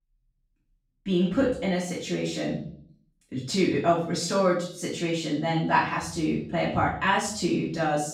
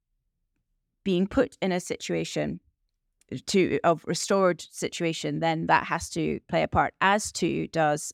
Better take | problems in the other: second | off-mic speech; far // room echo; noticeable; dies away in 0.5 s

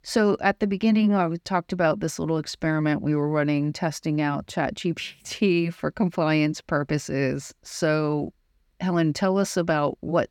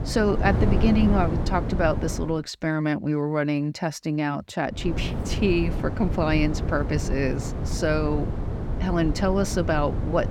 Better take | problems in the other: first | wind noise on the microphone; heavy; until 2.5 s and from 5 s on; 9 dB below the speech

